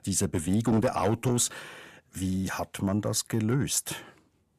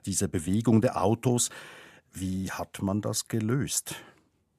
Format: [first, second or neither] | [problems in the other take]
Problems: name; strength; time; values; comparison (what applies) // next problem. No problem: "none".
second | distortion; slight; 10 dB below the speech